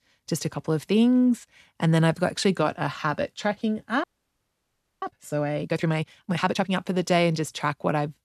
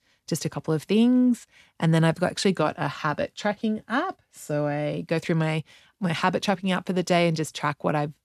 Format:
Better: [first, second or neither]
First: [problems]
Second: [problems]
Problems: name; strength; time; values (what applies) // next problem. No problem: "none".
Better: second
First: audio freezing; at 4 s for 1 s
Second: none